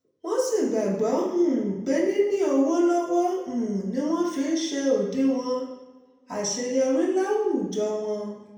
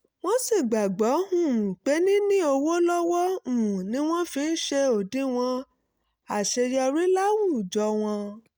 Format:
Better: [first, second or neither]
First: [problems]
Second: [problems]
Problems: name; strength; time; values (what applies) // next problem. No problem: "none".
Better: second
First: room echo; dies away in 0.9 s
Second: none